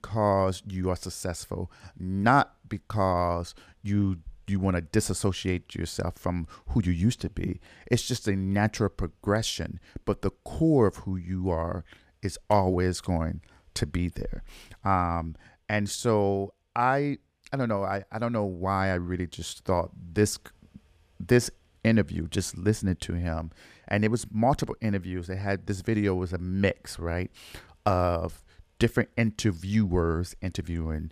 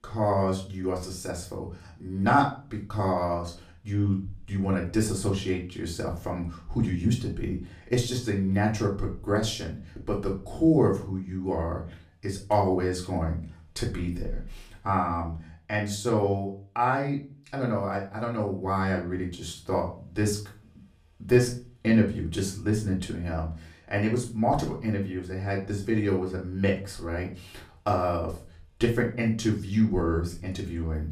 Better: first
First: none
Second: off-mic speech; far // room echo; slight; dies away in 0.3 s

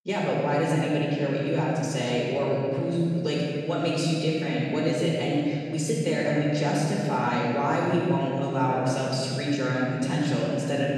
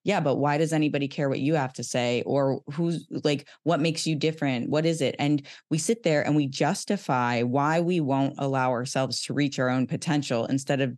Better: second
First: room echo; strong; dies away in 2.5 s // off-mic speech; far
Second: none

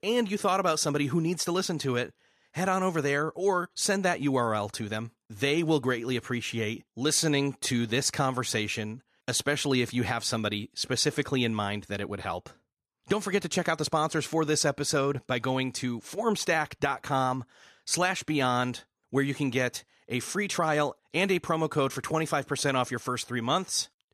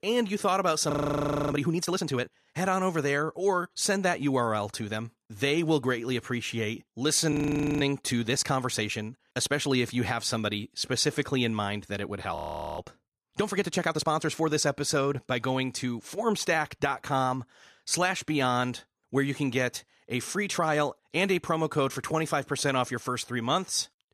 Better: first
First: none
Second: audio freezing; at 1 s for 0.5 s, at 7.5 s and at 12 s

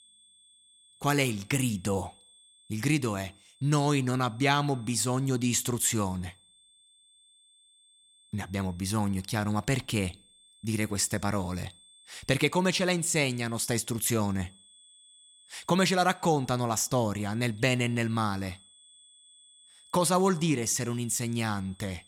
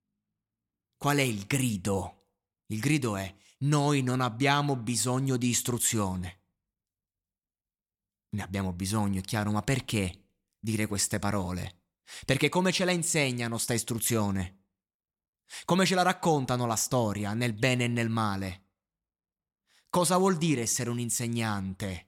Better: second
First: high-pitched whine; faint; throughout; 3.5 kHz, 30 dB below the speech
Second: none

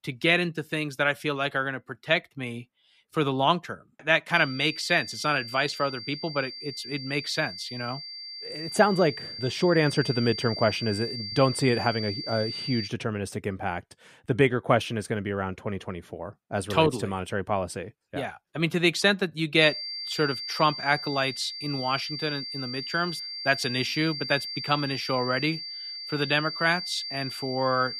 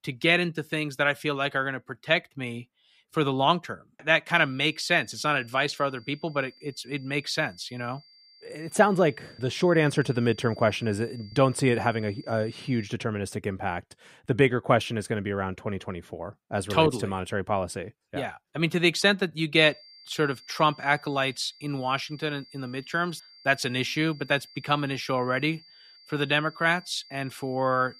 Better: second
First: high-pitched whine; loud; from 4.5 to 13 s and from 20 s on; 4.5 kHz, 7 dB below the speech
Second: high-pitched whine; faint; from 4.5 to 13 s and from 20 s on; 4.5 kHz, 25 dB below the speech

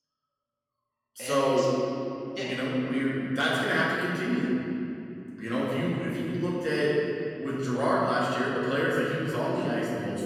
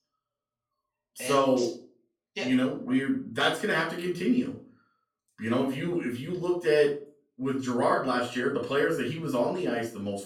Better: second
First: room echo; strong; dies away in 3 s // off-mic speech; far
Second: room echo; slight; dies away in 0.3 s // off-mic speech; far

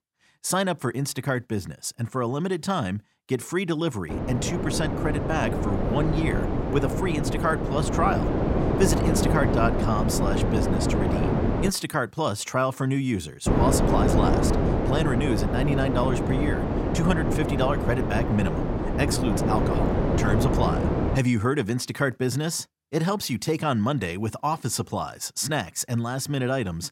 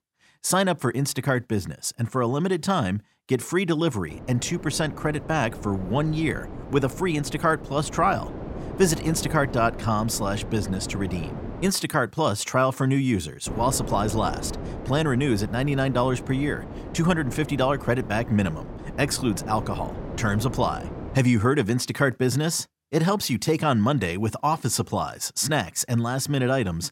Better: second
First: wind noise on the microphone; heavy; from 4 to 12 s and from 13 to 21 s; 1 dB below the speech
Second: wind noise on the microphone; occasional gusts; from 4 to 12 s and from 13 to 21 s; 15 dB below the speech

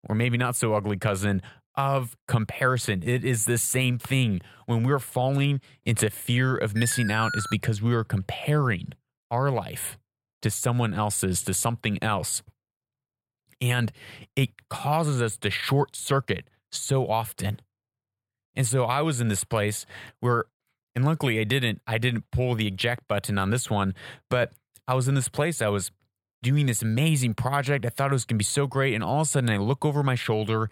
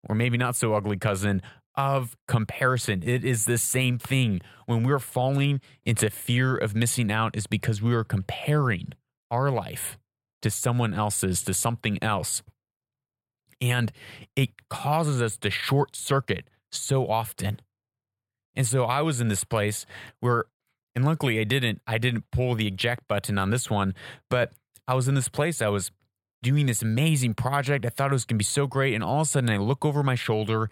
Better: second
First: alarm; noticeable; at 7 s; peak 5 dB below the speech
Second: none

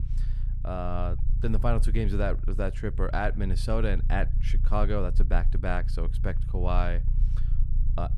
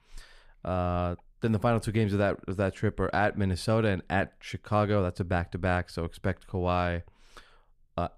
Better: second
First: low rumble; noticeable; throughout; 15 dB below the speech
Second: none

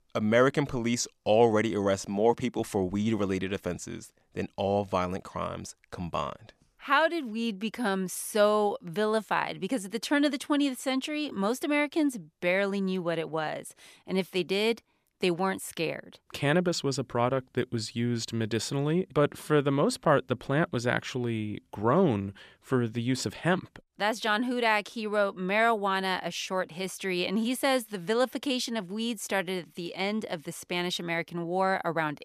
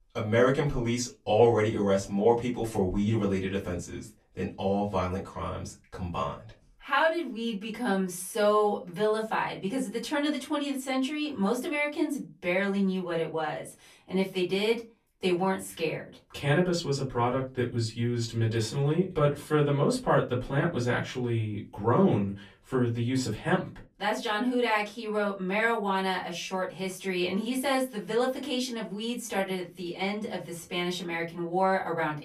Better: first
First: none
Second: off-mic speech; far // room echo; very slight; dies away in 0.2 s

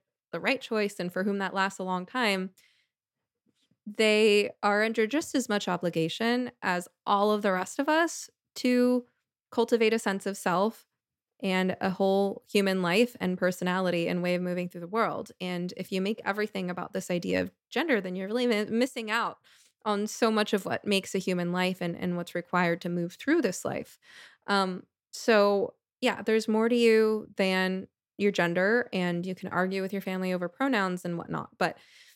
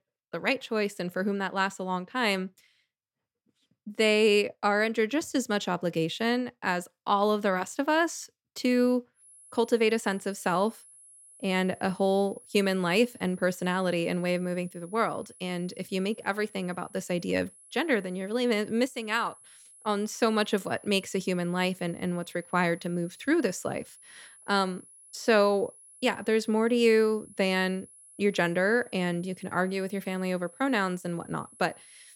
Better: first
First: none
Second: high-pitched whine; faint; from 9 s on; 10.5 kHz, 25 dB below the speech

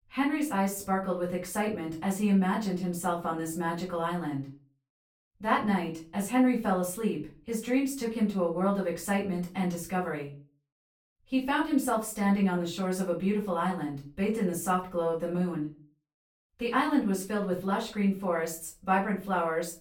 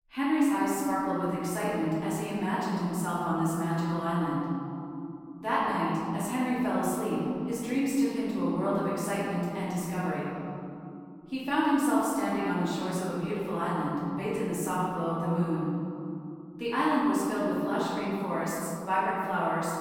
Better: first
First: room echo; slight; dies away in 0.3 s // off-mic speech; far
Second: room echo; strong; dies away in 2.9 s // off-mic speech; far

